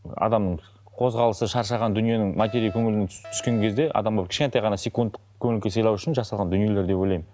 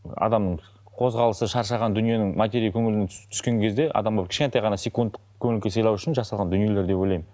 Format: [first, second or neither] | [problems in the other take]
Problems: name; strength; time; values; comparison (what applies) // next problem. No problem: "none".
second | background sound (Alarm); 17 dB below the speech